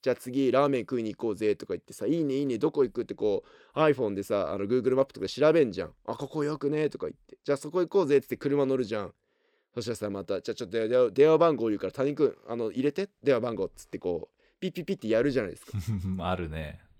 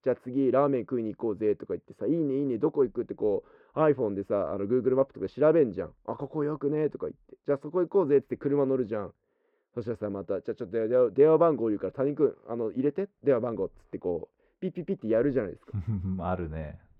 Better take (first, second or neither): first